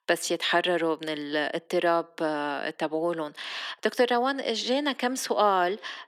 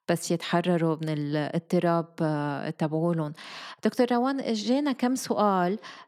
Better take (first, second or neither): second